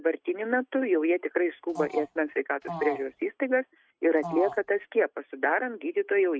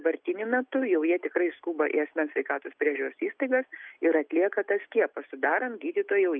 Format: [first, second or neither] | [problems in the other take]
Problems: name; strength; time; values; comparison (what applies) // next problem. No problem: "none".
second | noise reduction (neural mask model RNNoise)